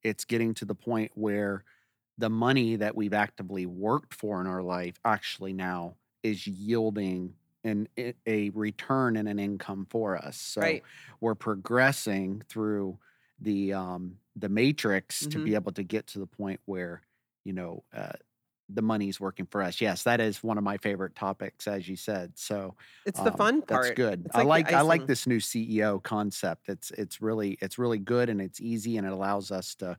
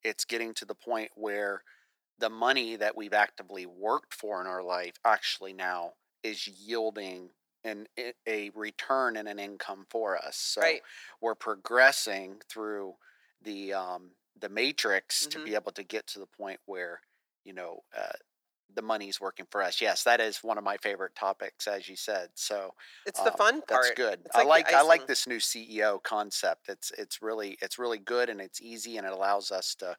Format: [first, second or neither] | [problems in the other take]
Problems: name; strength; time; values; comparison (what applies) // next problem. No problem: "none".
first | thin; very; fading below 450 Hz